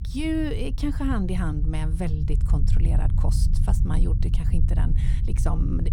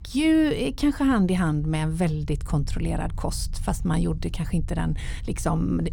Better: second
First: low rumble; loud; throughout; 8 dB below the speech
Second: low rumble; faint; throughout; 25 dB below the speech

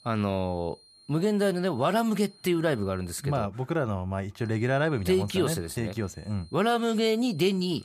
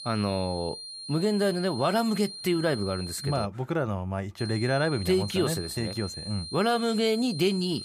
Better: first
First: high-pitched whine; faint; until 3.5 s and from 4.5 s on; 4 kHz, 25 dB below the speech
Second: high-pitched whine; loud; until 3.5 s and from 4.5 s on; 4 kHz, 10 dB below the speech

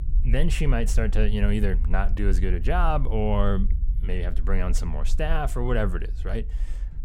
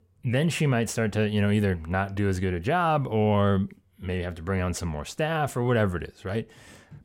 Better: second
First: low rumble; noticeable; throughout; 20 dB below the speech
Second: none

